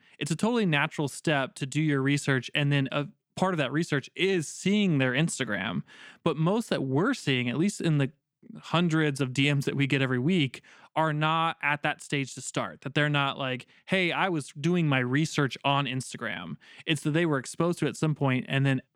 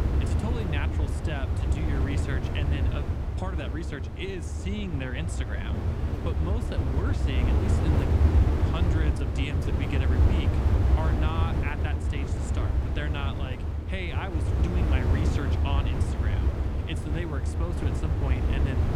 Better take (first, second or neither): first